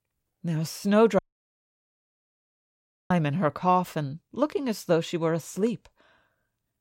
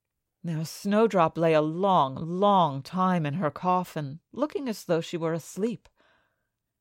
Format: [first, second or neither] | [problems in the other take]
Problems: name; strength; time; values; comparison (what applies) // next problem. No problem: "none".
second | audio cutting out; at 1 s for 2 s